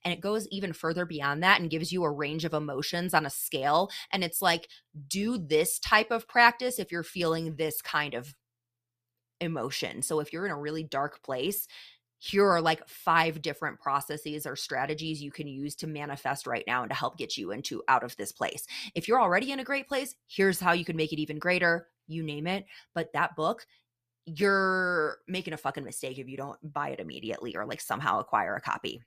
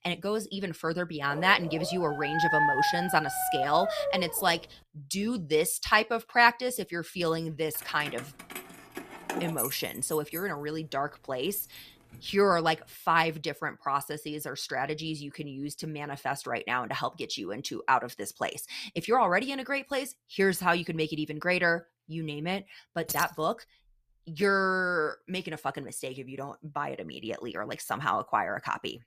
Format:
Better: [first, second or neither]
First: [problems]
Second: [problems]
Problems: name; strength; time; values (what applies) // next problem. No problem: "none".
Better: first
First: none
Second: dog barking; loud; from 1.5 to 4.5 s; peak 5 dB above the speech // jangling keys; noticeable; from 8 to 12 s and at 23 s; peak 2 dB below the speech